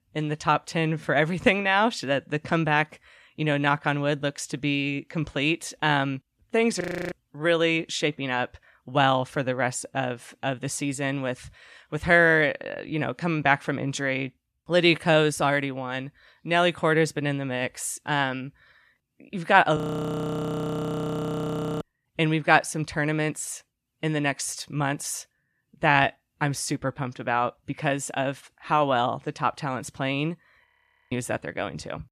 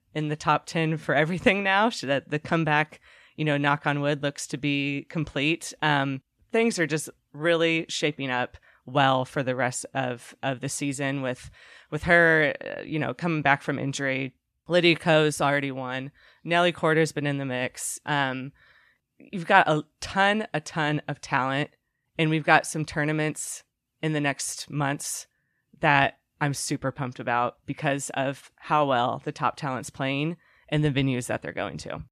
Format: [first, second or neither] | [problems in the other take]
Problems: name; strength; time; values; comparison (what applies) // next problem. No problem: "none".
second | audio freezing; at 7 s, at 20 s for 2 s and at 31 s